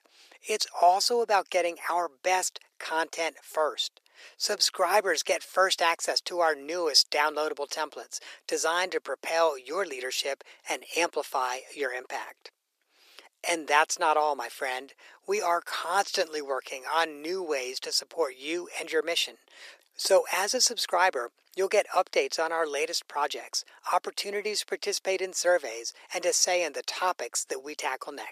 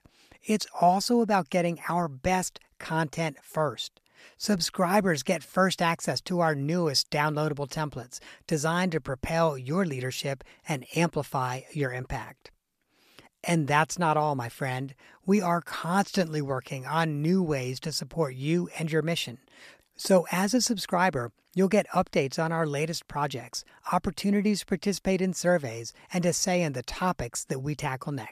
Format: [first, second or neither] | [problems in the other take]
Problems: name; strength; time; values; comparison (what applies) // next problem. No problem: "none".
second | thin; very; fading below 350 Hz